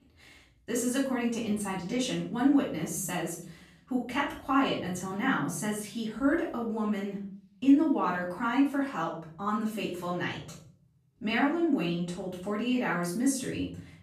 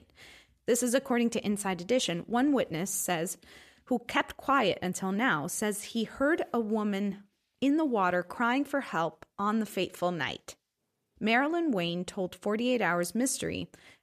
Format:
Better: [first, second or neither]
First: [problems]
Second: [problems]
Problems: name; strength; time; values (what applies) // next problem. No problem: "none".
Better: second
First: off-mic speech; far // room echo; noticeable; dies away in 0.7 s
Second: none